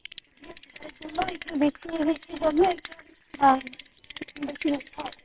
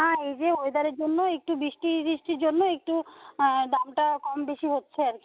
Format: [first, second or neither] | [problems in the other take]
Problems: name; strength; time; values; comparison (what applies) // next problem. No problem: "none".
second | noise reduction (neural separator model SepFormer WHAMR!)